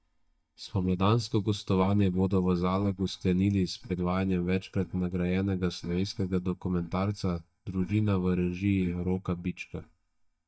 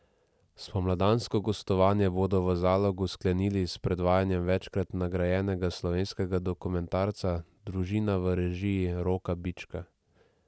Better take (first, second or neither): second